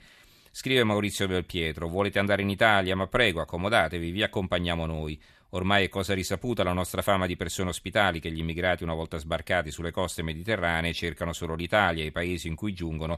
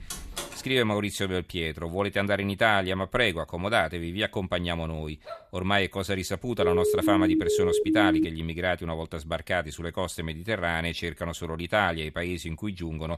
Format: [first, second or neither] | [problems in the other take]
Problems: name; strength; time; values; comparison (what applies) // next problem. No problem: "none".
first | door banging; noticeable; at the start; peak 7 dB below the speech // dog barking; faint; at 5.5 s; peak 15 dB below the speech // siren; loud; from 6.5 to 8.5 s; peak 5 dB above the speech